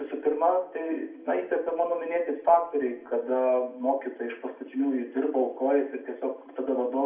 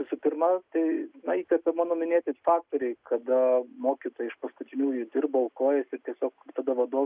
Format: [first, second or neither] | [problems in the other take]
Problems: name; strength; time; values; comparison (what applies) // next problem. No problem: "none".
second | room echo; dies away in 0.6 s